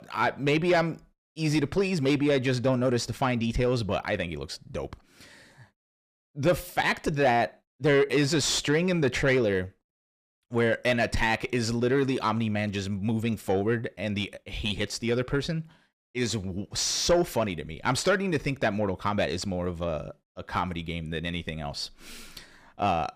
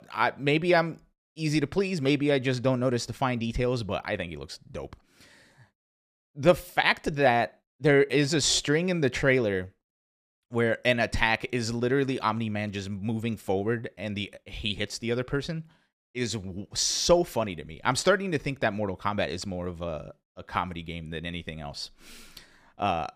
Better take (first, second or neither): second